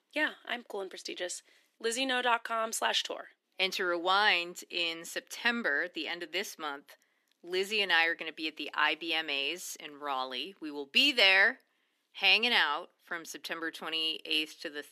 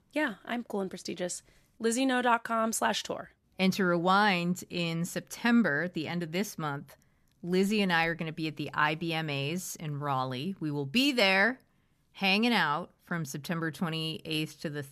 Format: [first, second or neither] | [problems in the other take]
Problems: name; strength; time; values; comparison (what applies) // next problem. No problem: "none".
second | thin; somewhat; fading below 300 Hz